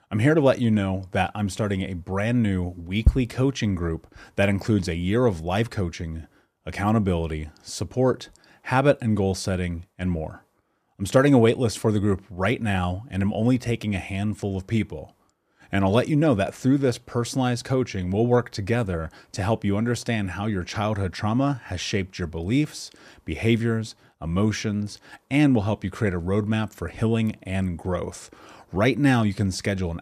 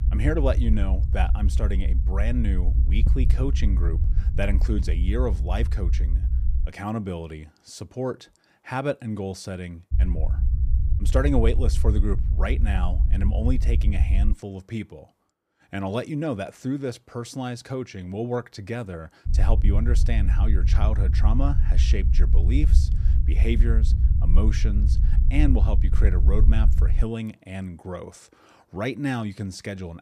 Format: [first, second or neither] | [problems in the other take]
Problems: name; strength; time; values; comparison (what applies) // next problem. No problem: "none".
first | low rumble; loud; until 6.5 s, from 10 to 14 s and from 19 to 27 s; 9 dB below the speech